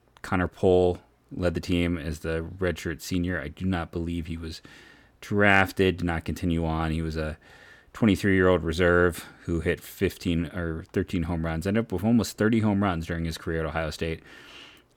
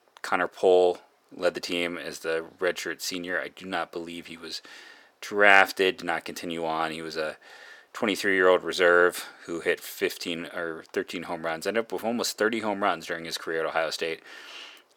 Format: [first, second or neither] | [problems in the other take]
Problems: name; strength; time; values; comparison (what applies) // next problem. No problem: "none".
first | thin; somewhat; fading below 550 Hz